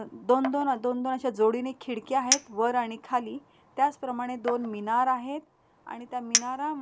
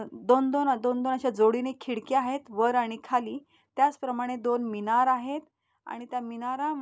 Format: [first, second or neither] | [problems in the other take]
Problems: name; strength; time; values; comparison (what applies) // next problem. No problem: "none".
second | background sound (Chink, clink); 7 dB below the speech